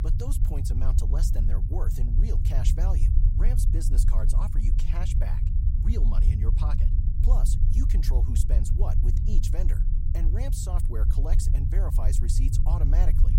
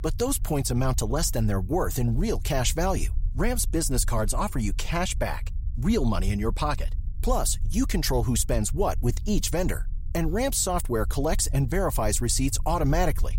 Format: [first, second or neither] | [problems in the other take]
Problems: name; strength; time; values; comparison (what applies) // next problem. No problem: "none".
second | low rumble; loud; throughout; 2 dB below the speech; faint in the second